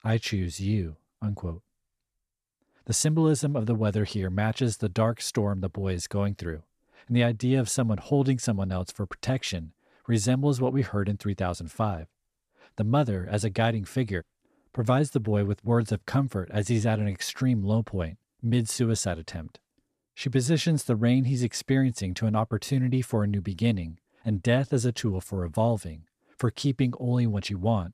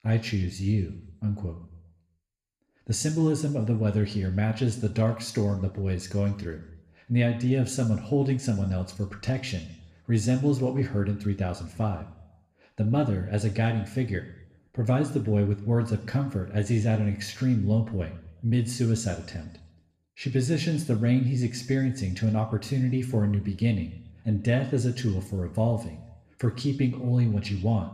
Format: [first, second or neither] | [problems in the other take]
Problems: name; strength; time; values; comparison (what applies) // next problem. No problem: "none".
first | room echo; very slight; dies away in 0.7 s